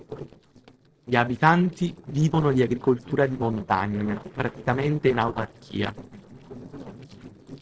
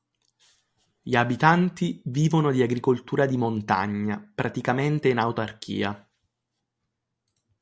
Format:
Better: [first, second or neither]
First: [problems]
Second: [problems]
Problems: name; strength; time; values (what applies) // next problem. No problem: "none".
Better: second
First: noise reduction (neural separator model SepFormer DNS4)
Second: none